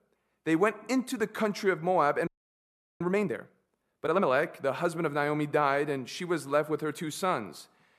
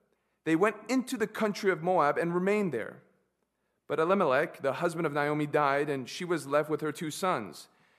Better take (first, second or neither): second